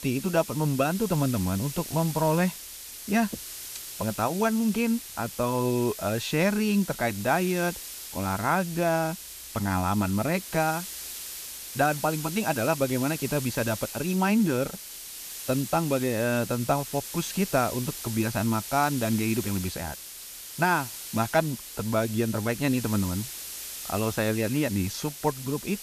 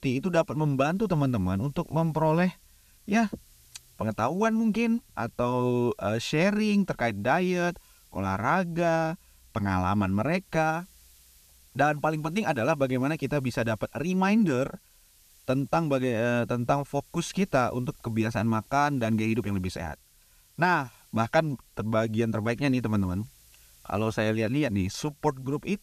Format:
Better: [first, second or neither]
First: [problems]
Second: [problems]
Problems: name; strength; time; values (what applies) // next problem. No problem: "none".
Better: second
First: hiss; loud; throughout; 9 dB below the speech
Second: hiss; faint; throughout; 30 dB below the speech